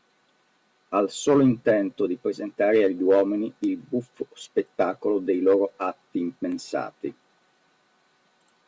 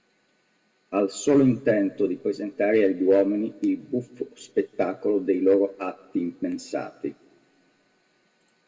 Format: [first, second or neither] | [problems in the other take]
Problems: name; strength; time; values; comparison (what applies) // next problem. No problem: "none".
first | room echo; dies away in 0.8 s